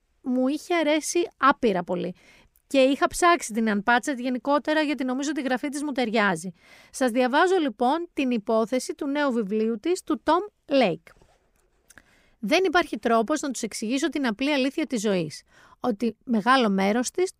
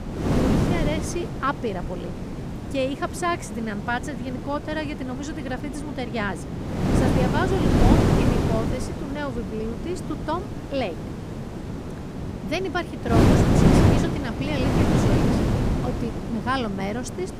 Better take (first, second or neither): first